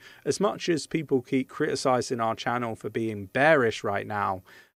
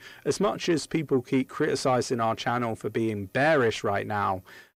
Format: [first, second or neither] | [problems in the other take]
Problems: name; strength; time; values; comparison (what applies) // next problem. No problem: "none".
first | distortion; slight; 10 dB below the speech